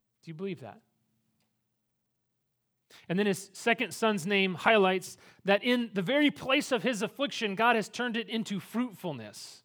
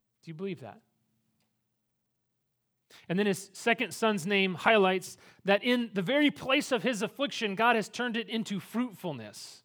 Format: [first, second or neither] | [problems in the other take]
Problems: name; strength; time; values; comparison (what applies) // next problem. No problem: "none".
neither | none